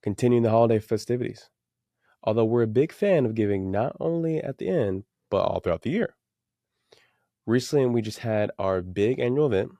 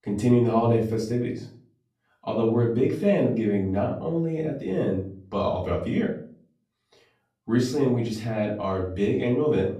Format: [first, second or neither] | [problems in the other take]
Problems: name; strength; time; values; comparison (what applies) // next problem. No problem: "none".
first | off-mic speech; far // room echo; slight; dies away in 0.4 s